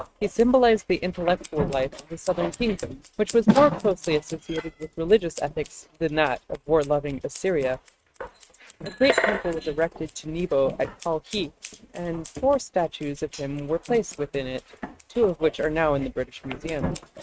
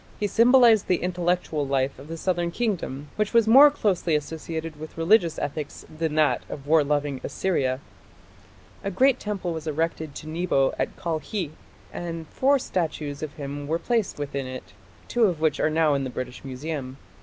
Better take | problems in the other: second | noise reduction (neural mask model RNNoise)

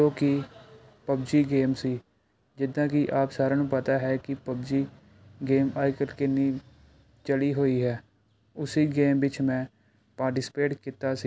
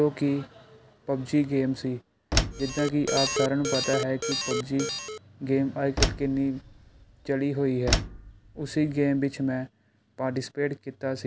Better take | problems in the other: first | background sound (Slam + Alarm); 2 dB below the speech

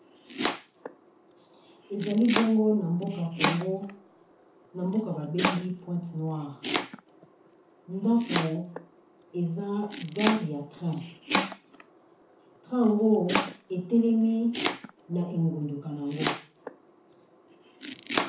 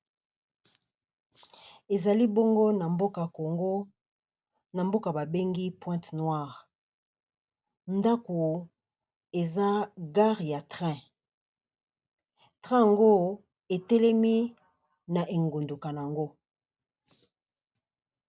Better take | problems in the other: second | background sound (Domestic sounds, home sounds); 6 dB below the speech // room echo; dies away in 0.6 s

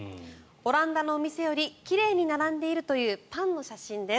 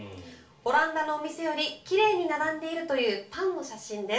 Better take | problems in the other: first | room echo; dies away in 0.3 s

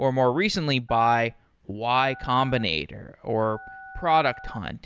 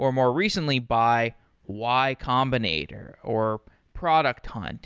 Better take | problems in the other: second | background sound (Telephone); 20 dB below the speech

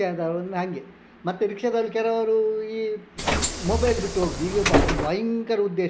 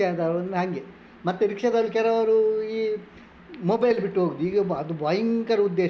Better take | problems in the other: second | background sound (Bus); 1 dB above the speech

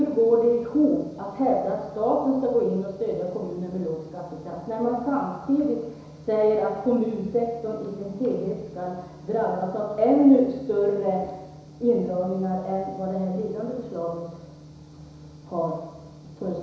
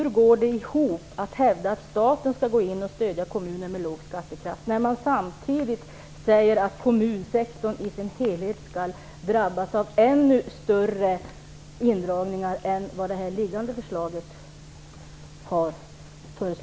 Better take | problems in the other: second | room echo; dies away in 1 s

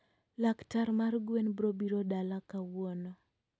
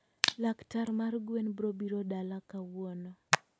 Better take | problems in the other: first | background sound (Hands); 3 dB below the speech

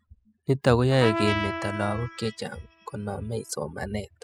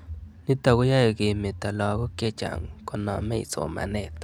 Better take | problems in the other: second | noise reduction (classical method spectral subtraction)

